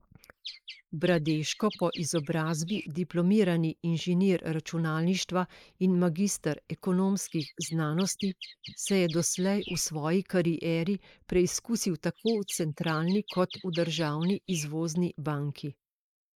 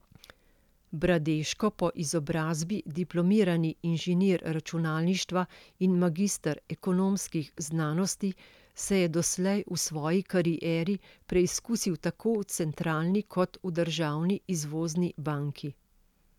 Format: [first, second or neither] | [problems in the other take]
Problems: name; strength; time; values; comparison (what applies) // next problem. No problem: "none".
second | noise reduction (neural mask model Resemble Enhance denoiser)